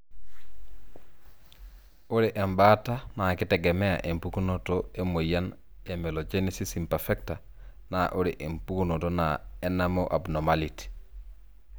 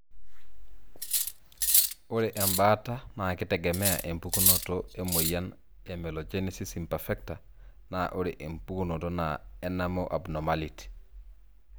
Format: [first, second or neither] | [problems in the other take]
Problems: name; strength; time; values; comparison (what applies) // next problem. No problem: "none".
first | background sound (Cutlery, silverware); 3 dB above the speech